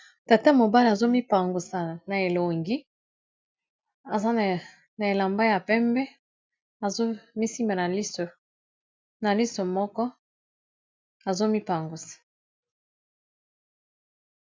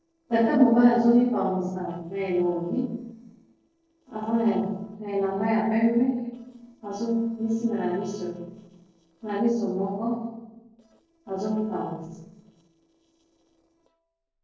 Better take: first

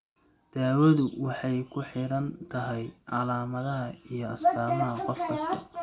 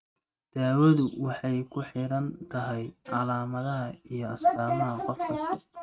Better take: first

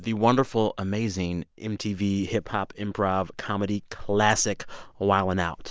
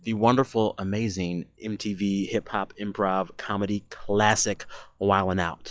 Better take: first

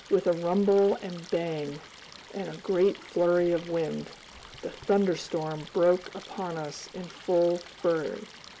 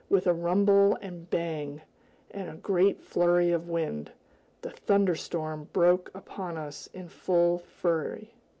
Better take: second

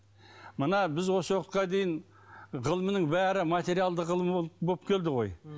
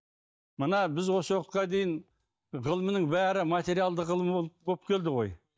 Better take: first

